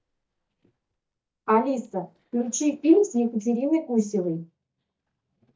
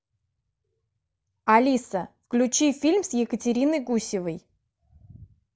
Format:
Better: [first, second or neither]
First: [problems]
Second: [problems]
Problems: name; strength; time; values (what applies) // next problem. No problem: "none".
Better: second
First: noise reduction (neural mask model DeepFilterNet 3)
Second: none